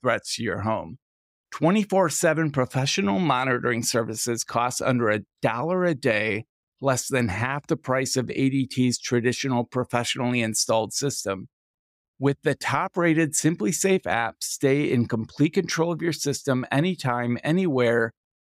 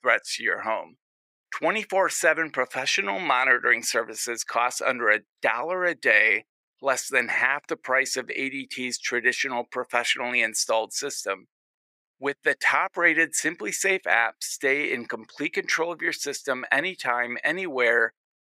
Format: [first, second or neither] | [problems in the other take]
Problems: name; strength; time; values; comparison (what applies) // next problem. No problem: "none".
first | thin; very; fading below 500 Hz